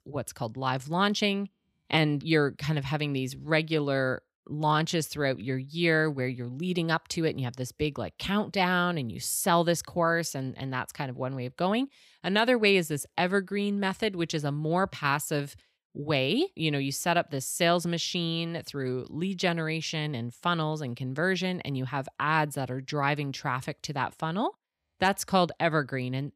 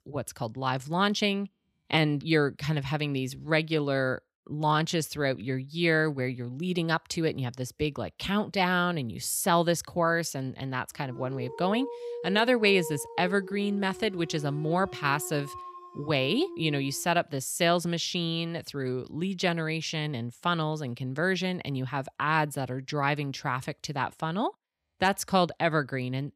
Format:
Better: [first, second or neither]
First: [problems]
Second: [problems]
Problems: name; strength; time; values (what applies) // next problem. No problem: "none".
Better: first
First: none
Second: dog barking; noticeable; from 11 to 17 s; peak 8 dB below the speech